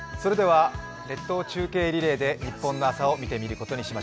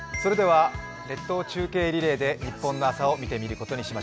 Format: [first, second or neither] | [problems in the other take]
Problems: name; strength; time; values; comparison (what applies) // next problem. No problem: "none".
first | background sound (Marimba, xylophone); 18 dB below the speech